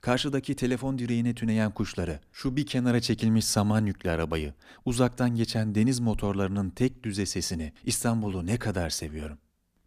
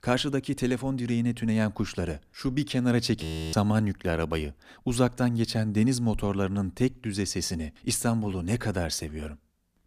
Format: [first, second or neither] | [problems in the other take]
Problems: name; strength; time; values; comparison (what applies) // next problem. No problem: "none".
first | audio freezing; at 3 s